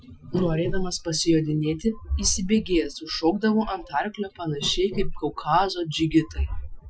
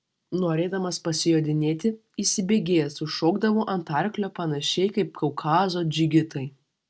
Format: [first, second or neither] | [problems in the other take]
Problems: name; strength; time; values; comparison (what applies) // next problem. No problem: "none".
second | noise reduction (classical method Wiener filter)